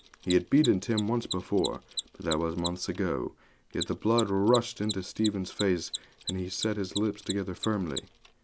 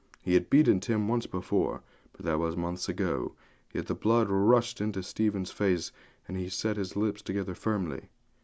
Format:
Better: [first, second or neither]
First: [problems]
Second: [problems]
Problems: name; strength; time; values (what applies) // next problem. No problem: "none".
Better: second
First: background sound (Mechanisms); 12 dB below the speech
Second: none